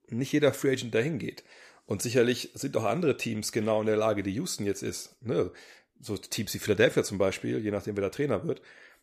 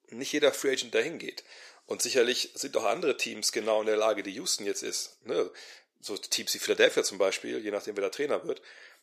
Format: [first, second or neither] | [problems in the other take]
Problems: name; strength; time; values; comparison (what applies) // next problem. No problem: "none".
first | thin; somewhat; fading below 450 Hz